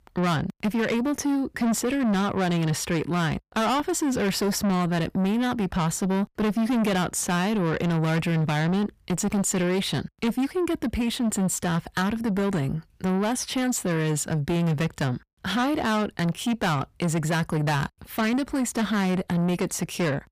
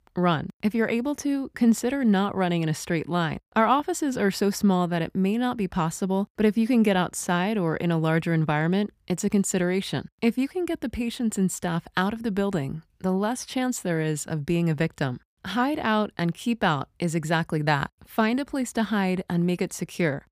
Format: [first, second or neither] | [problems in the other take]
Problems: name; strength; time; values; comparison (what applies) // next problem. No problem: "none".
second | distortion; heavy; 7 dB below the speech